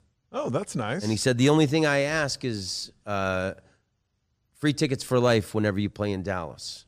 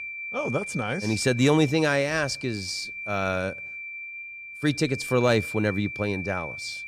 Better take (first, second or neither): first